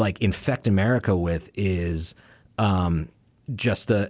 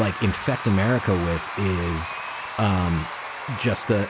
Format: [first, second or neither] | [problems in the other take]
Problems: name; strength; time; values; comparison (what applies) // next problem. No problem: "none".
first | background sound (Applause / Crowd / Cheering); 9 dB below the speech